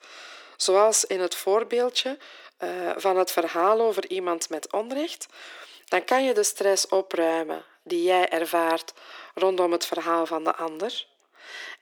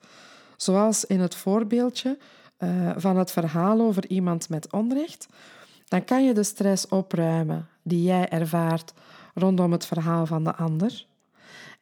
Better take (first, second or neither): second